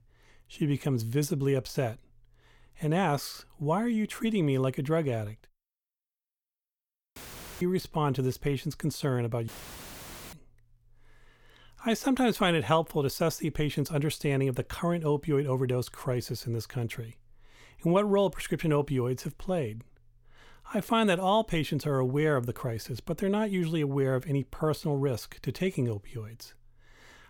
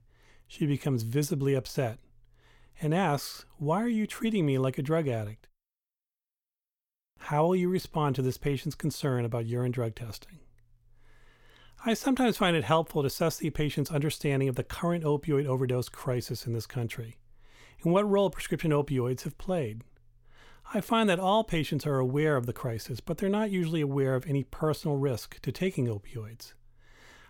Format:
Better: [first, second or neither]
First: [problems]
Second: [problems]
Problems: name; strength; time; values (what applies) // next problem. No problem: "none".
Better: second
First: audio cutting out; filled with static; at 7 s and at 9.5 s for 1 s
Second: none